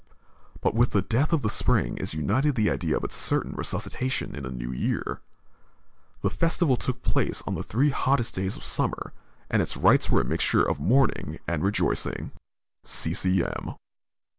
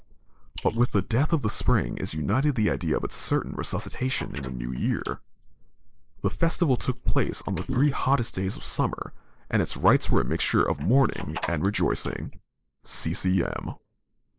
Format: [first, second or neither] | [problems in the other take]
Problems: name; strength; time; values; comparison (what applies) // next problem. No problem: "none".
first | noise reduction (neural mask model Resemble Enhance denoiser)